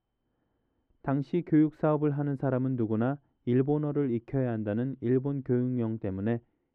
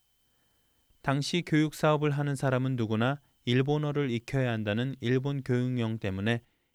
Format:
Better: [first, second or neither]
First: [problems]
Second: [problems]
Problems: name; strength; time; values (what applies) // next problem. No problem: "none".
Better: second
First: muffled; very; fading above 3 kHz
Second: none